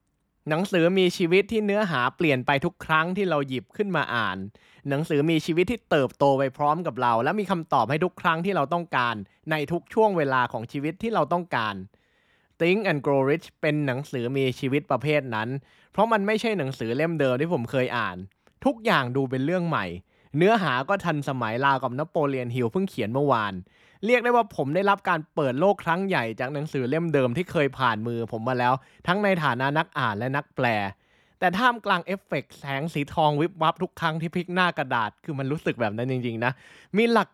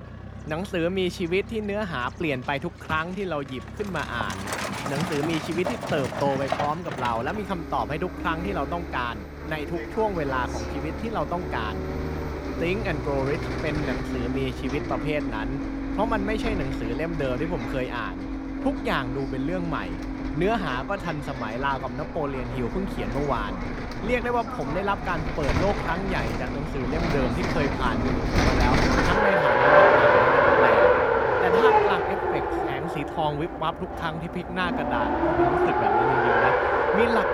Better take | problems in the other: first | traffic noise; very loud; throughout; 4 dB above the speech

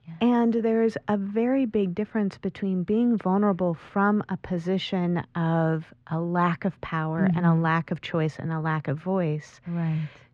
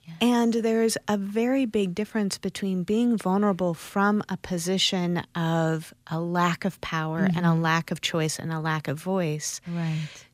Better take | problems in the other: second | muffled; very; fading above 2 kHz

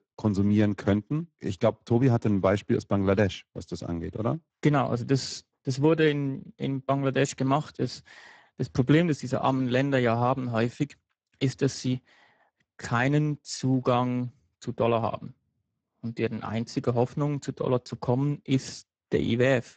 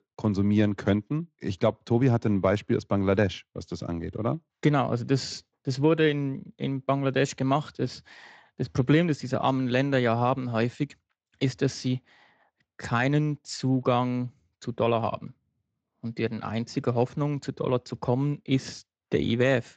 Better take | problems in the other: second | garbled, watery; badly; nothing above 8 kHz; slightly in the second

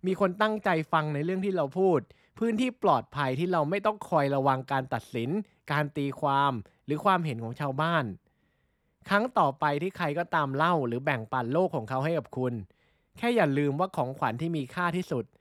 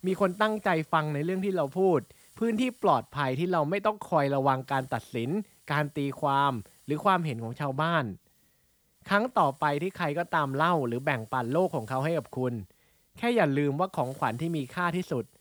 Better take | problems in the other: first | hiss; faint; throughout; 30 dB below the speech

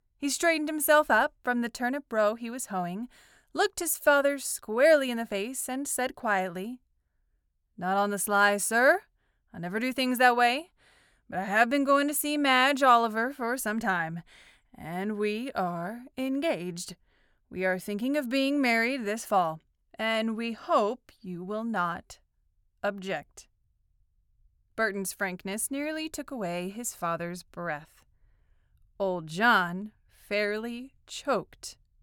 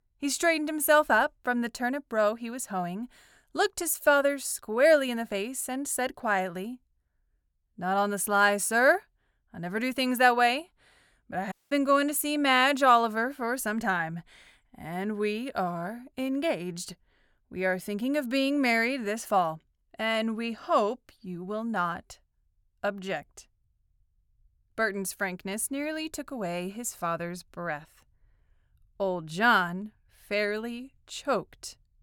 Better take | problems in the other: first | audio cutting out; at 12 s

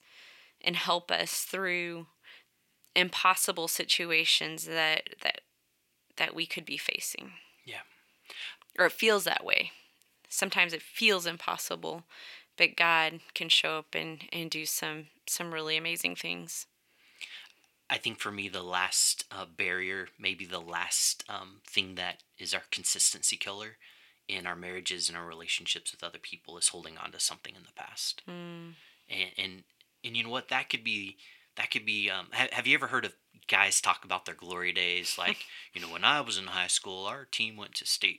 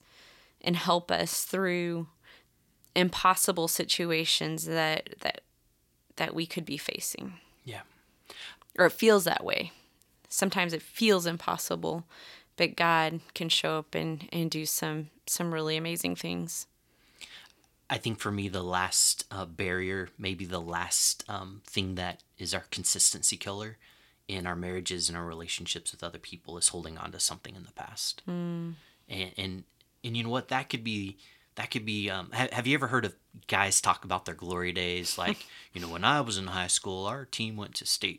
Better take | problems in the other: second | thin; somewhat; fading below 850 Hz

